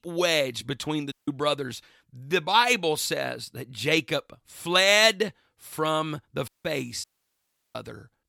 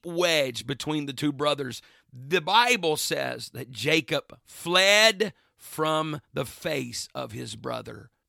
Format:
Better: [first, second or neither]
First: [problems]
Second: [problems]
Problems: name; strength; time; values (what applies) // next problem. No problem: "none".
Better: second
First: audio cutting out; at 1 s, at 6.5 s and at 7 s for 0.5 s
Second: none